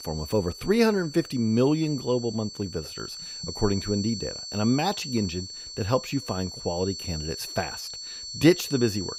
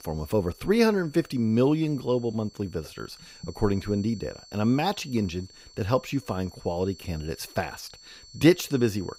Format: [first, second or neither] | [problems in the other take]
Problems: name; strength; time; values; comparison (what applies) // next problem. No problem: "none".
second | high-pitched whine; loud; throughout; 4.5 kHz, 9 dB below the speech; faint in the second